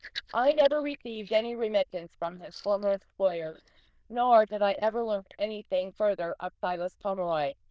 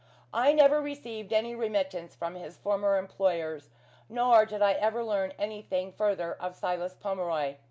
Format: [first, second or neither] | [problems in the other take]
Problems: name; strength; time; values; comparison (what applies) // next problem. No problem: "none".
second | noise reduction (neural diffusion model UNIVERSE++)